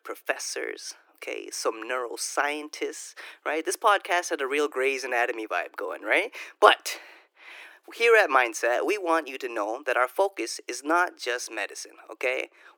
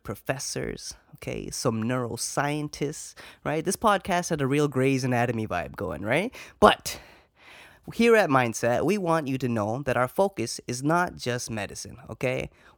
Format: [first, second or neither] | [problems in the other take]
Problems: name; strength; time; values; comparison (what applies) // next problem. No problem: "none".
second | thin; very; fading below 300 Hz